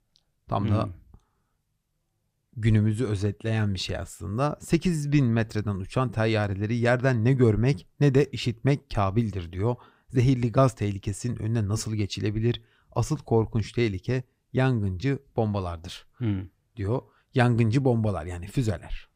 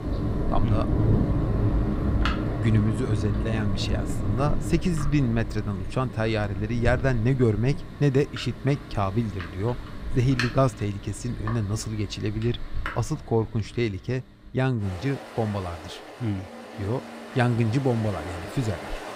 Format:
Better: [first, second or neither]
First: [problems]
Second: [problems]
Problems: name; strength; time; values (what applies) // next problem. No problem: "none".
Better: first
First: none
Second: rain or running water; loud; throughout; 4 dB below the speech